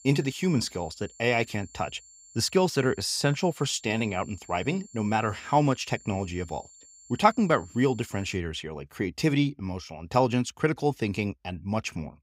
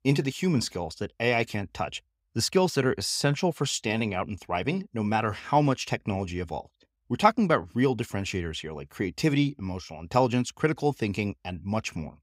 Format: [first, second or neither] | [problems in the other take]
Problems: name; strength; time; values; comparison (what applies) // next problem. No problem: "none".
second | high-pitched whine; faint; until 8.5 s; 7.5 kHz, 20 dB below the speech